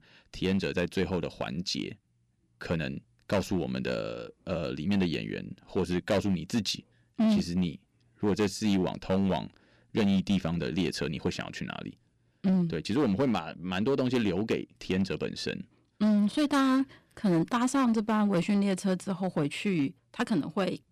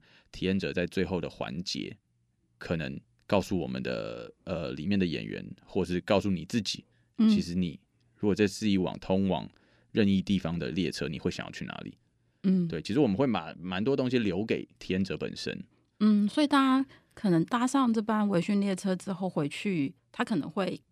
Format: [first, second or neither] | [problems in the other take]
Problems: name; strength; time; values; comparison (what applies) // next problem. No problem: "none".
second | distortion; slight; 6% of the sound clipped